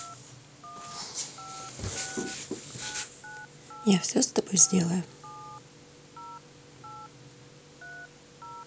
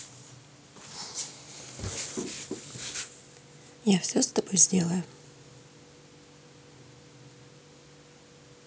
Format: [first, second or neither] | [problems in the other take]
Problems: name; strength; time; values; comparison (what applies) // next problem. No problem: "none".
second | background sound (Telephone); 16 dB below the speech